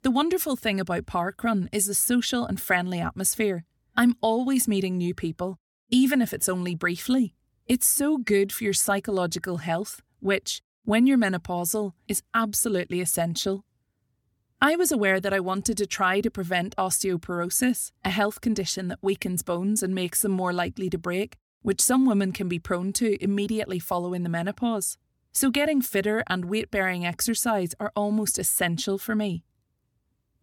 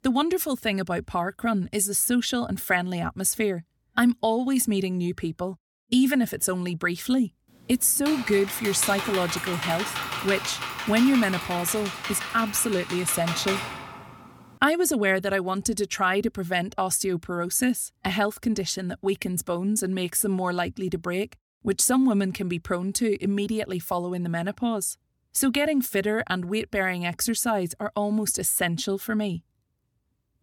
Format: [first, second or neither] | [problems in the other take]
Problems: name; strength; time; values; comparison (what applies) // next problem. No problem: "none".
first | keyboard typing; noticeable; from 8 to 14 s; peak 3 dB below the speech